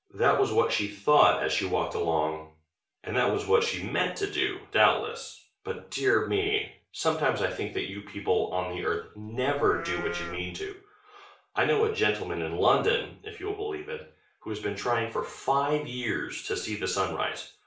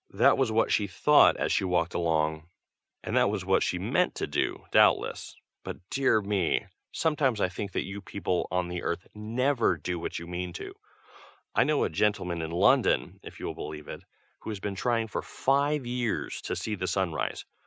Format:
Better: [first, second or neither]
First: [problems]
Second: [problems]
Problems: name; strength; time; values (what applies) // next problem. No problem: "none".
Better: second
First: background sound (Livestock, farm animals, working animals); 11 dB below the speech // room echo; dies away in 0.4 s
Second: none